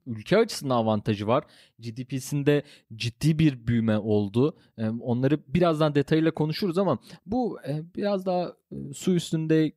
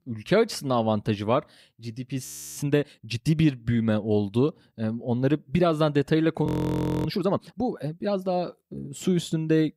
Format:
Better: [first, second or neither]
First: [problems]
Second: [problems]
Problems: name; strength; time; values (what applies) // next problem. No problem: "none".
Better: first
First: none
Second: audio freezing; at 2.5 s and at 6.5 s for 0.5 s